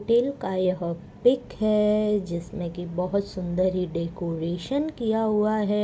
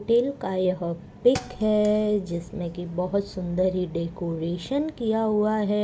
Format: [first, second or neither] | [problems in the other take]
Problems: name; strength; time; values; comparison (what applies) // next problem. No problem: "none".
first | background sound (Thump, thud); 19 dB below the speech